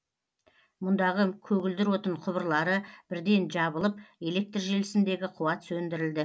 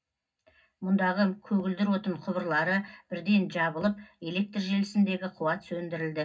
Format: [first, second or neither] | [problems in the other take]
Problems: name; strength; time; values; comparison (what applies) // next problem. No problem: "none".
first | room echo; dies away in 0.4 s